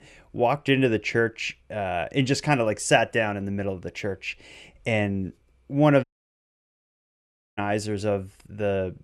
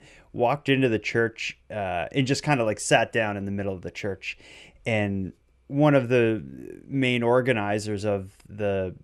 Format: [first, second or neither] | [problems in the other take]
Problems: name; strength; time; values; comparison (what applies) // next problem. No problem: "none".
second | audio cutting out; at 6 s for 1.5 s